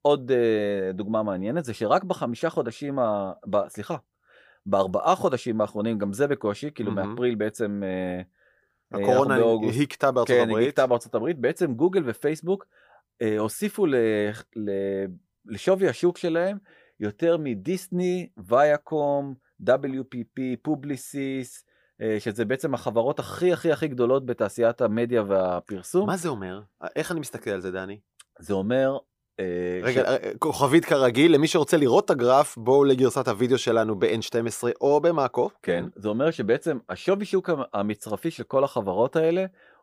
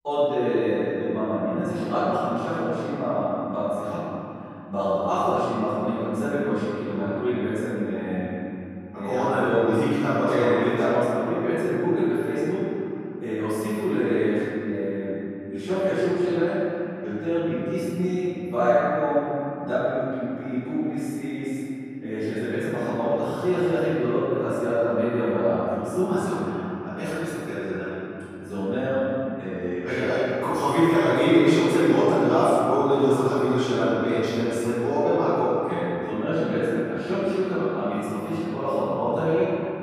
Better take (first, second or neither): first